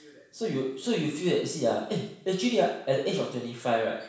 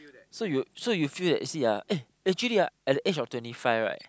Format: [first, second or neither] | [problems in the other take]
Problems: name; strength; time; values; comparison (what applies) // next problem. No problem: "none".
second | room echo; dies away in 0.7 s